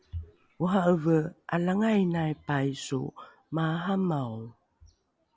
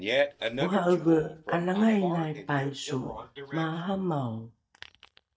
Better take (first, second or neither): first